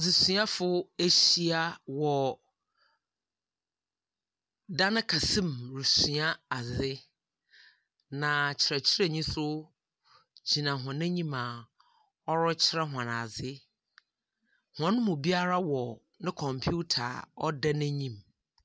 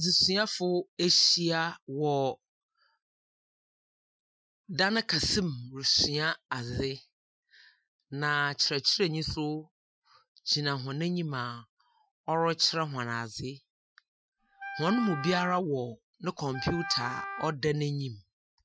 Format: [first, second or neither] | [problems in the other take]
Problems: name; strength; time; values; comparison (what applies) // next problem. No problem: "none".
first | noise reduction (classical method Wiener filter)